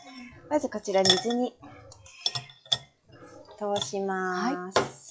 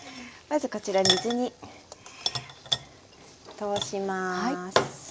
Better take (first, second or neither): second